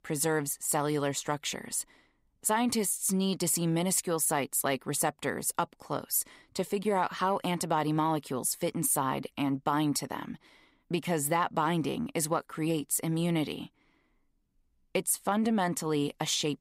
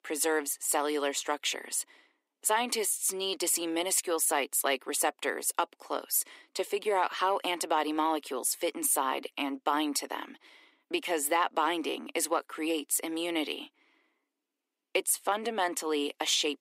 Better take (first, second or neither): first